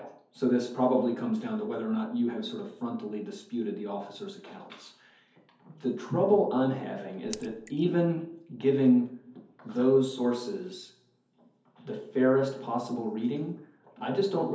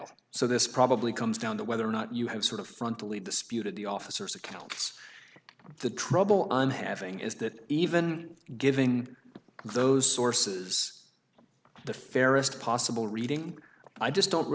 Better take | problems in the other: second | background sound (Raindrop / Splash, splatter); 18 dB below the speech // room echo; dies away in 0.5 s

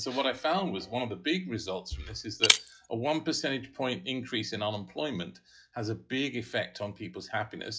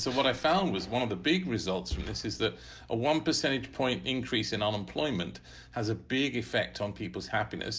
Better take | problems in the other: second | noise reduction (classical method log-MMSE)

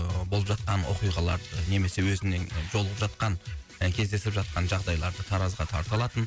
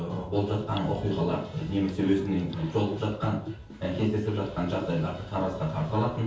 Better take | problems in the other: first | background sound (Bathtub (filling or washing) / Gurgling); 17 dB below the speech // room echo; dies away in 0.6 s

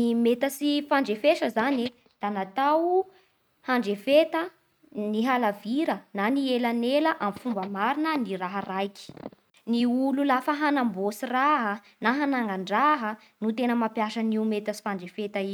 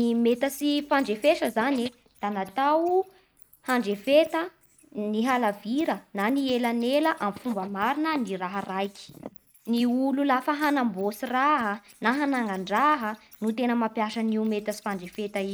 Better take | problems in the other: first | noise reduction (neural mask model Resemble Enhance denoiser)

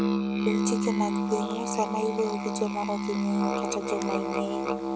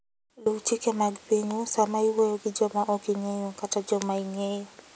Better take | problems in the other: second | background sound (Musical instrument); 3 dB above the speech

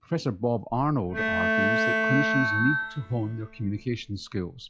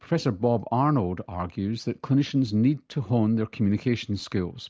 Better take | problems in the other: second | noise reduction (classical method log-MMSE)

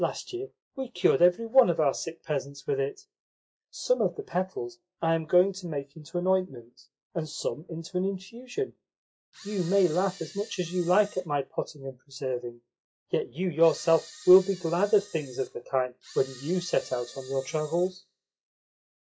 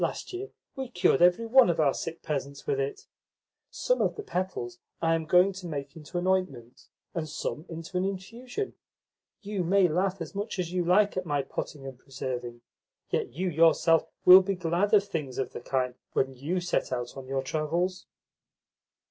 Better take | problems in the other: second | noise reduction (classical method log-MMSE)

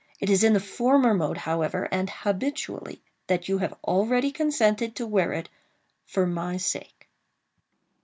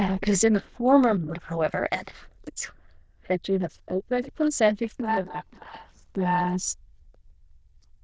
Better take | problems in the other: first | noise reduction (neural diffusion model UNIVERSE++)

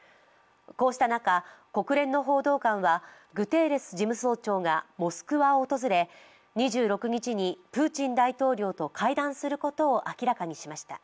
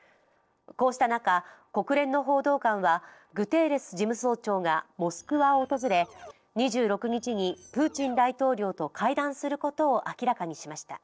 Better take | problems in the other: first | noise reduction (neural separator model SepFormer DNS4)

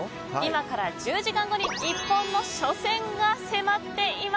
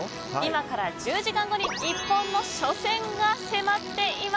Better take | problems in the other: first | background sound (Fart + Tools); 17 dB below the speech

